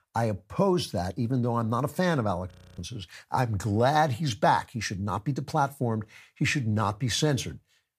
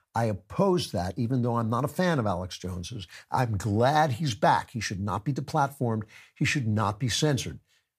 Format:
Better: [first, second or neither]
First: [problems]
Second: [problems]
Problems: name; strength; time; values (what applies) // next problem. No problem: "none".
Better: second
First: audio freezing; at 2.5 s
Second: none